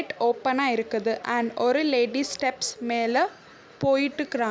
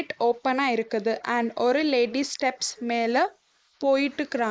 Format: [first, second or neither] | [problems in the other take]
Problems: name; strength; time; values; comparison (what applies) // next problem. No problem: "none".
first | noise reduction (neural mask model Resemble Enhance denoiser)